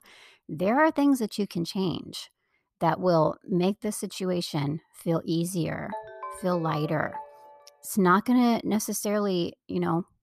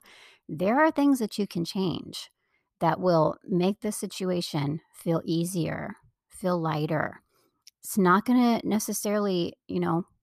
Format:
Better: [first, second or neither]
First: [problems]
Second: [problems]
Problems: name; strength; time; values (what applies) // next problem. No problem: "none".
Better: second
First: phone ringing; faint; from 6 to 7.5 s; peak 10 dB below the speech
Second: none